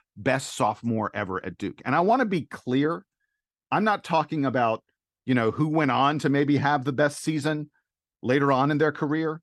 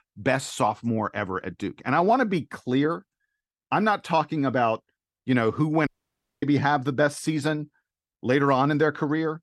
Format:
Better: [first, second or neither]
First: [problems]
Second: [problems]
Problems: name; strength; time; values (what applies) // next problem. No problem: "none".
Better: first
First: none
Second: audio cutting out; at 6 s for 0.5 s